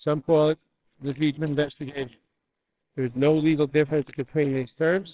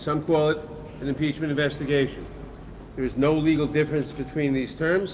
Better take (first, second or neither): second